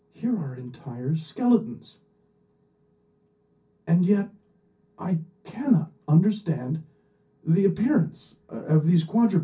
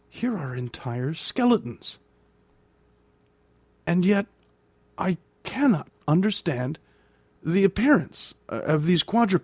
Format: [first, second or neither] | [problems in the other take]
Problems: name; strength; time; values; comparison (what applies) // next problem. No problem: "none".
second | room echo; dies away in 0.3 s